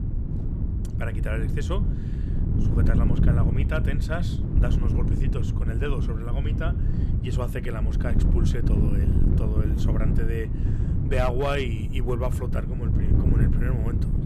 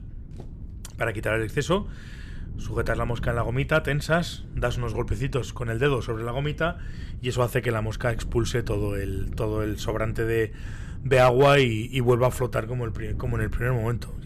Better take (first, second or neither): second